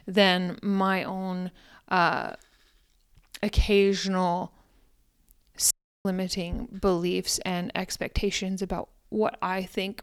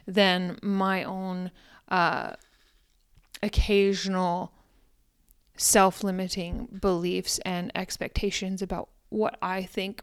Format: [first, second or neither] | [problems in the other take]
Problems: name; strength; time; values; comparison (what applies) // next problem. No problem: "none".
second | audio cutting out; at 5.5 s